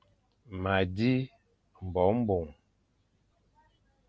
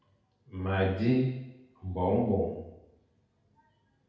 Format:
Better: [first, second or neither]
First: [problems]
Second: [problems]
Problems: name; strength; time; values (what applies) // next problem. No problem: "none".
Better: first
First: none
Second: room echo; dies away in 0.8 s